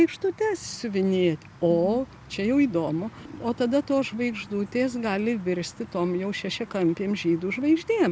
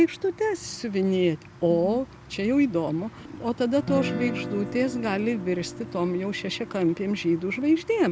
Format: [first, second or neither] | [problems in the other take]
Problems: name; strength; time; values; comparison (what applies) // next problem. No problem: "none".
first | background sound (Guitar); 13 dB below the speech